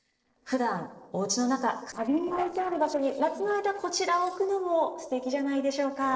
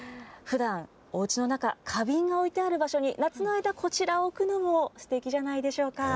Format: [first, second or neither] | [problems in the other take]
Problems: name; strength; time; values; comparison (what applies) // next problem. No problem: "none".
second | noise reduction (neural separator model SepFormer DNS4)